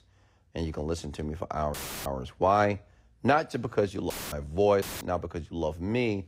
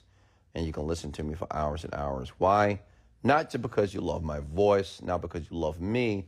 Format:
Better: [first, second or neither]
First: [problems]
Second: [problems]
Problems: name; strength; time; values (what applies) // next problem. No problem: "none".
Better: second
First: audio cutting out; filled with static; at 1.5 s, at 4 s and at 5 s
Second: none